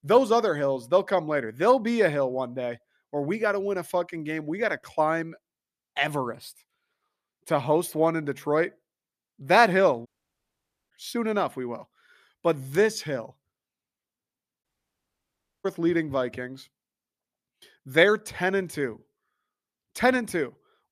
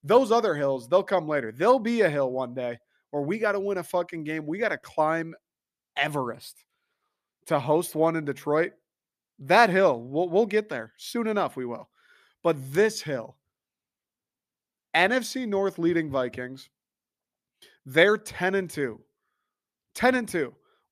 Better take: second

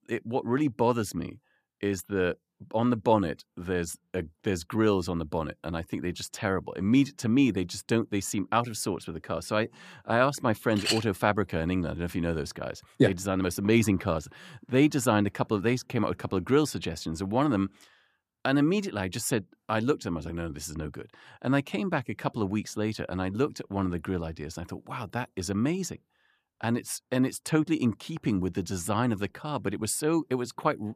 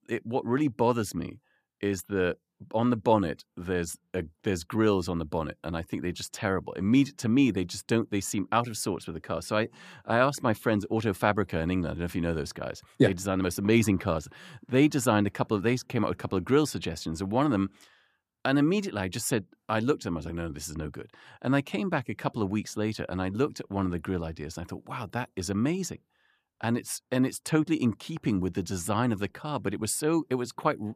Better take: second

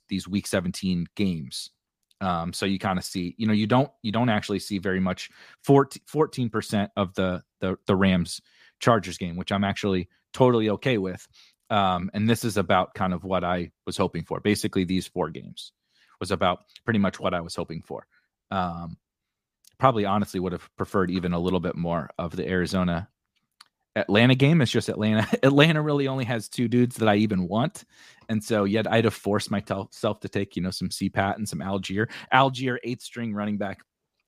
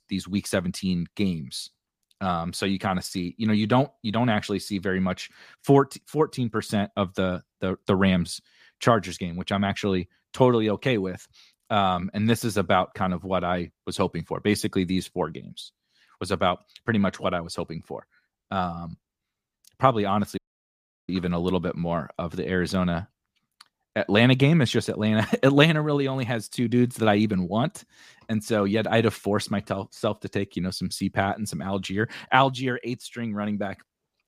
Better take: first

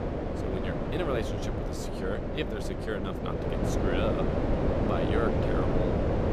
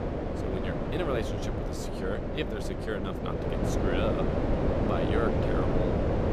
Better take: neither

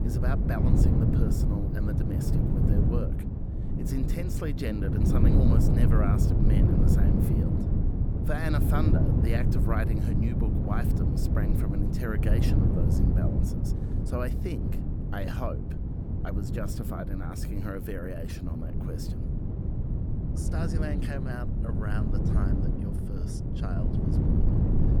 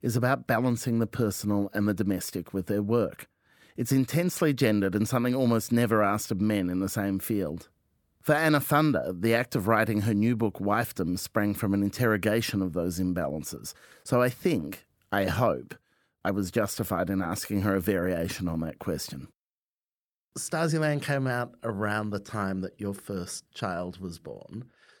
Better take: second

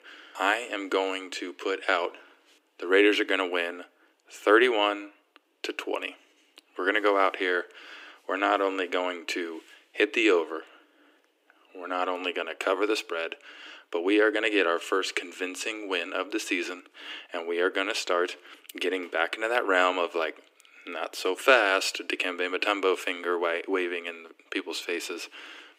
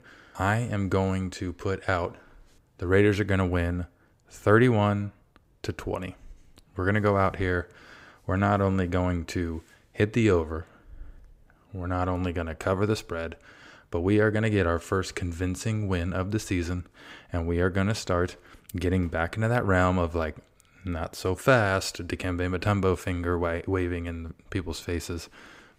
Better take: second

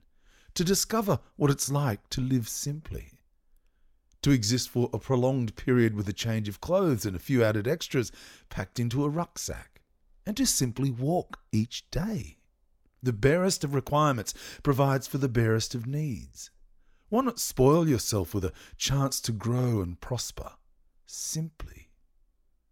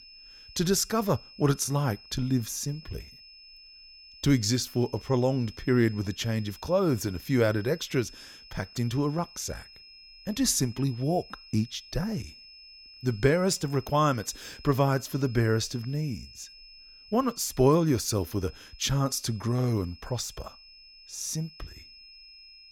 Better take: first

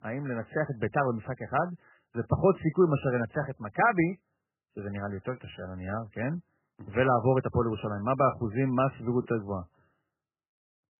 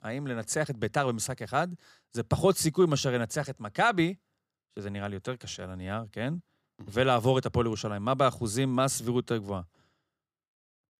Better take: second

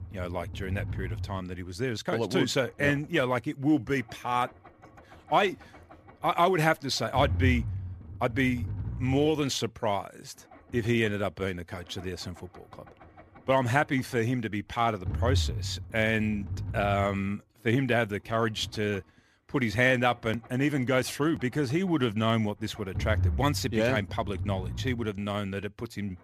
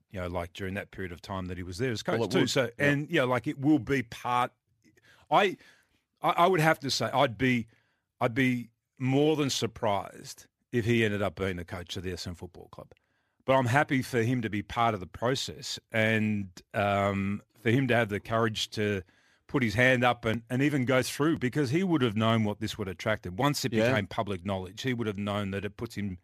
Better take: second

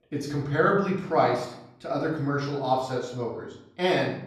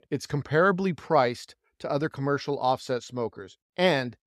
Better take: second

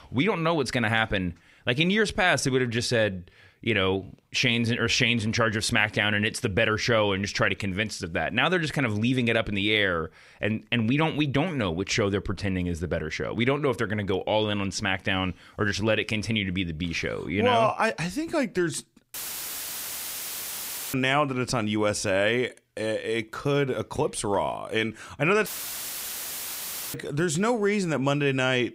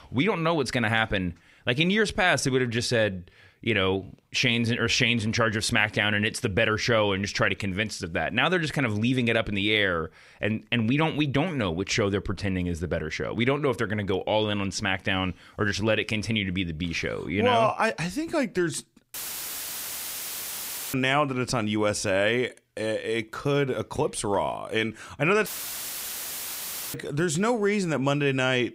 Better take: neither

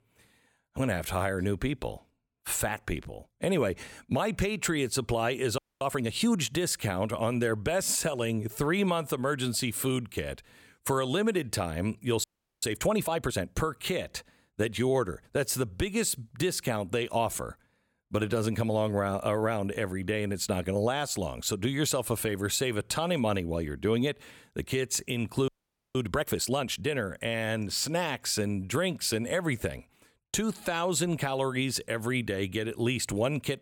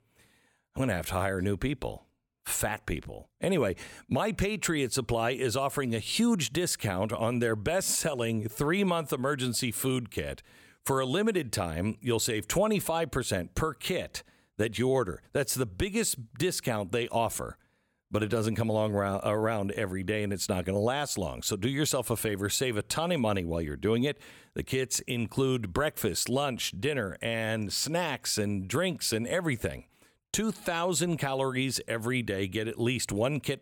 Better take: second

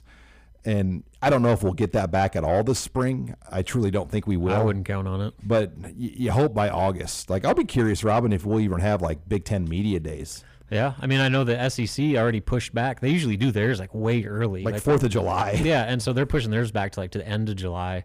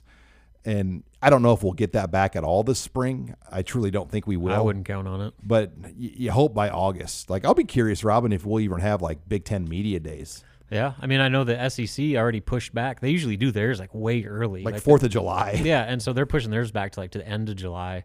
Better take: second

